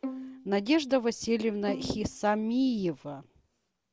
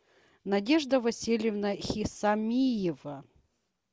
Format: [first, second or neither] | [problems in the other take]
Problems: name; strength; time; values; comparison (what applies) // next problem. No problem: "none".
second | background sound (Bowed string instrument); 13 dB below the speech